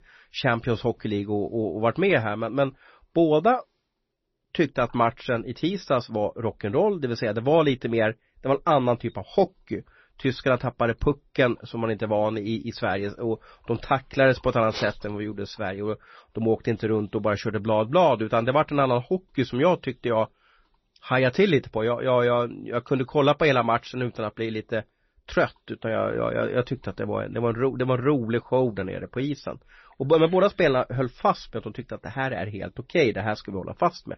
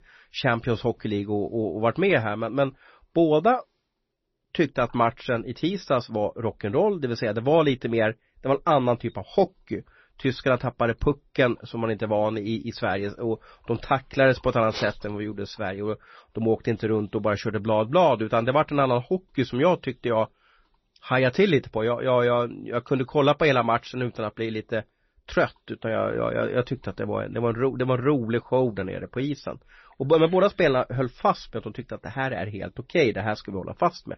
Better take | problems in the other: neither | garbled, watery; slightly; nothing above 6 kHz; the same in both

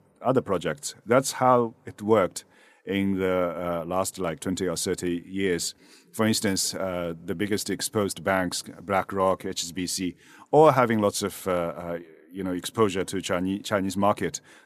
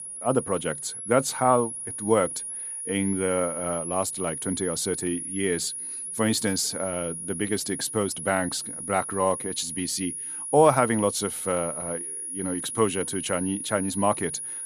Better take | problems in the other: first | high-pitched whine; loud; throughout; 10.5 kHz, 5 dB below the speech

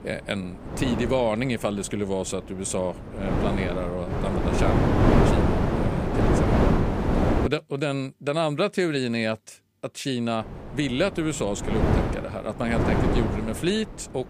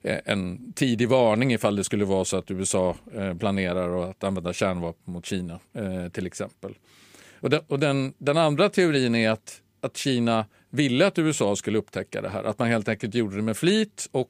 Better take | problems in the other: second | wind noise on the microphone; heavy; until 7.5 s and from 10 s on; 1 dB above the speech

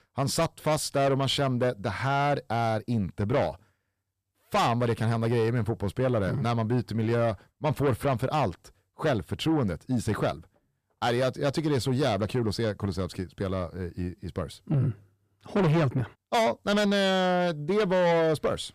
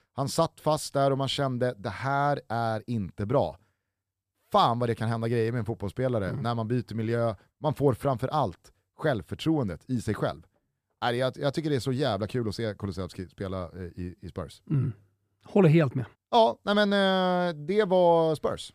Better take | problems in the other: second | distortion; heavy; 8 dB below the speech

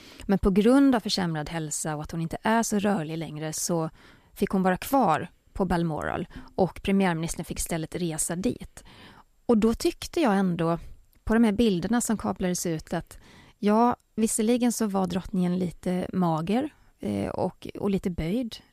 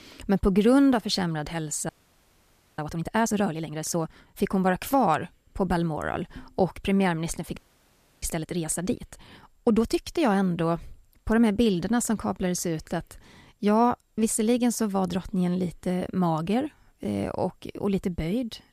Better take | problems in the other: first | audio freezing; at 2 s for 1 s and at 7.5 s for 0.5 s

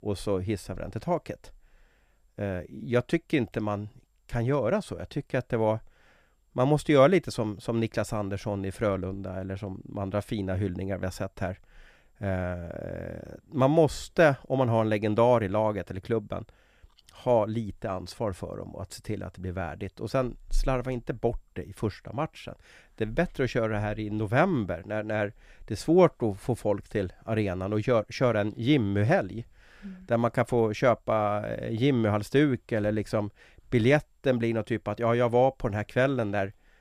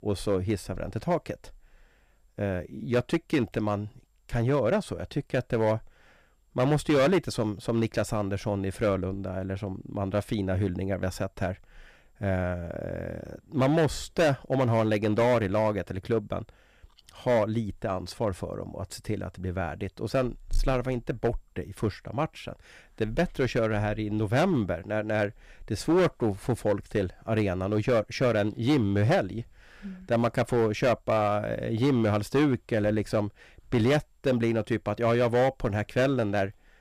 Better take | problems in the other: first | distortion; slight; 5% of the sound clipped

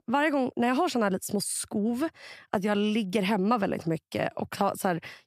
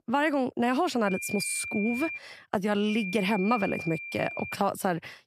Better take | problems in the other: first | high-pitched whine; loud; from 1 to 2 s and from 3 to 4.5 s; 2.5 kHz, 7 dB below the speech

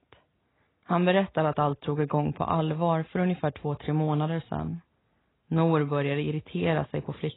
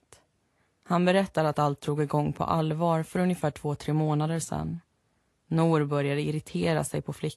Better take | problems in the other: second | garbled, watery; badly; nothing above 4 kHz; slightly in the second

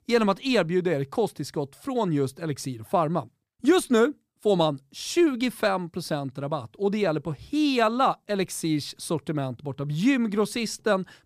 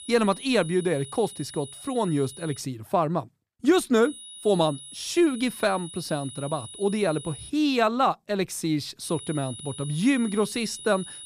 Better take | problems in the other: first | high-pitched whine; noticeable; until 2.5 s, from 4 to 7.5 s and from 9 s on; 10 kHz, 15 dB below the speech

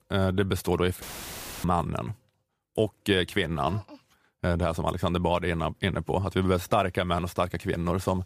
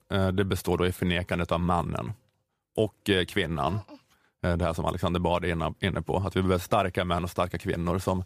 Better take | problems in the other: second | audio cutting out; filled with static; at 1 s for 0.5 s

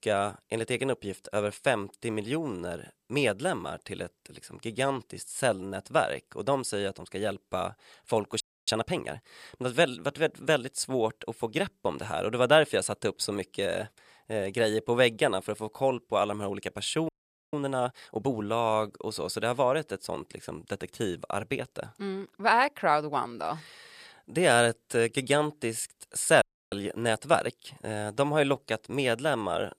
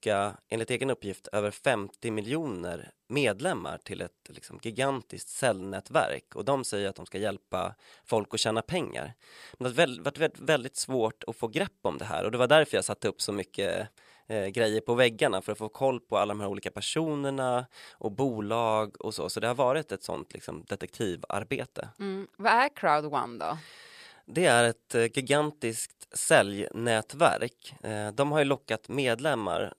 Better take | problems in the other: second | audio freezing; at 8.5 s, at 17 s and at 26 s

